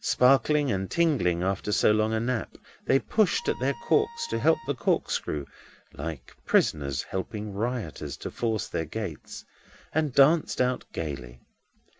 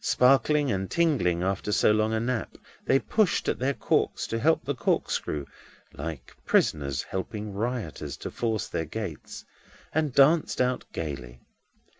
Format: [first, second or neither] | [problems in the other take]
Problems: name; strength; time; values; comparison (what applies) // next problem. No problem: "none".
second | background sound (Wind instrument, woodwind instrument); 19 dB below the speech